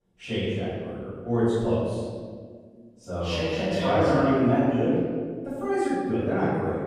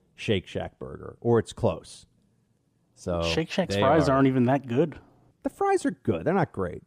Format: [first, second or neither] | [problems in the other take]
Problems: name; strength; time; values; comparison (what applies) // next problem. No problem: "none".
second | off-mic speech; far // room echo; strong; dies away in 1.7 s